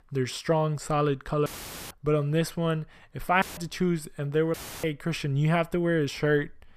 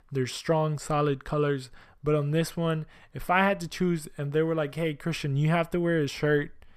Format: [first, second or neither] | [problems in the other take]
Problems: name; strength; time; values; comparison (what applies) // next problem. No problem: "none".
second | audio cutting out; filled with static; at 1.5 s, at 3.5 s and at 4.5 s